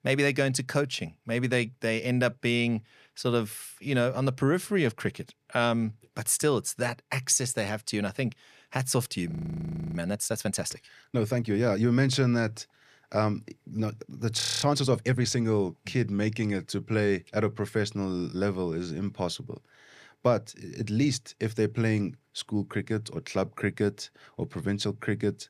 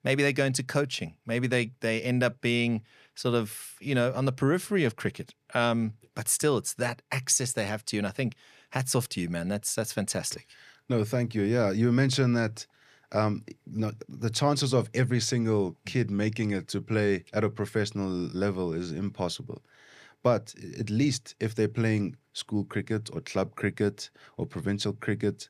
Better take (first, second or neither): second